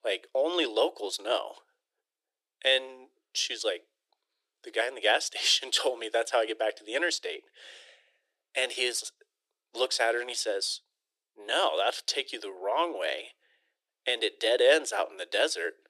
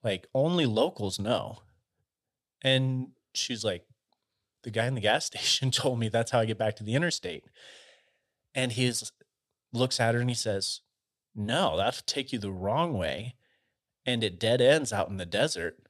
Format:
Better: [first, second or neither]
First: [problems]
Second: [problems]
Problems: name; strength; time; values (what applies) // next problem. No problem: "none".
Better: second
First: thin; very; fading below 300 Hz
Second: none